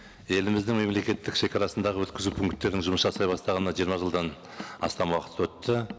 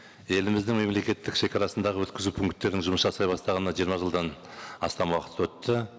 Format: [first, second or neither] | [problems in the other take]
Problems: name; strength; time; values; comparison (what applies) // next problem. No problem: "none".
second | background sound (Car); 19 dB below the speech